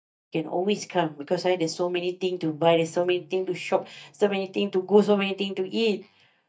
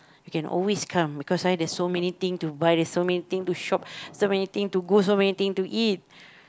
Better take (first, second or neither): second